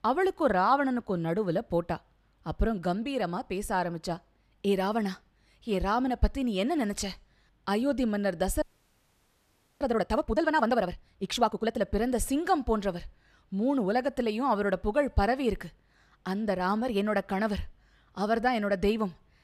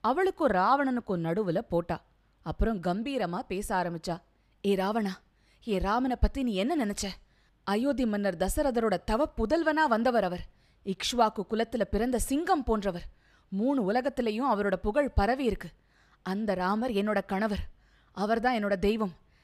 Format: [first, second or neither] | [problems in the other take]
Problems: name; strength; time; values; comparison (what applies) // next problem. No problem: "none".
second | audio freezing; at 8.5 s for 1 s